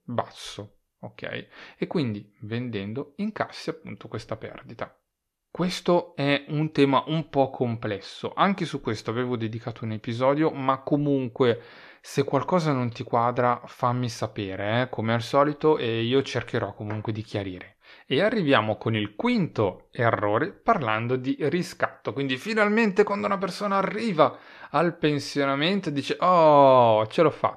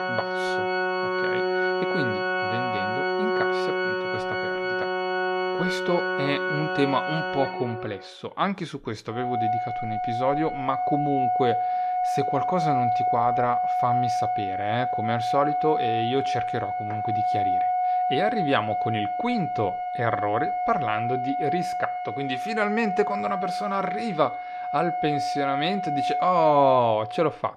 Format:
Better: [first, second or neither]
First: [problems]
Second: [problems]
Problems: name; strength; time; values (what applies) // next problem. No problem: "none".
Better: first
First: none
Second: background music; very loud; throughout; 1 dB above the speech